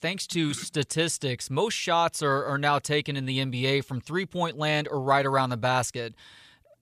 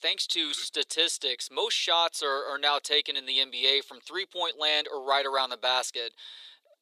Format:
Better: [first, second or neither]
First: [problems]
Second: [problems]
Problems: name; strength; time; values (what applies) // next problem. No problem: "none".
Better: first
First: none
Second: thin; very; fading below 350 Hz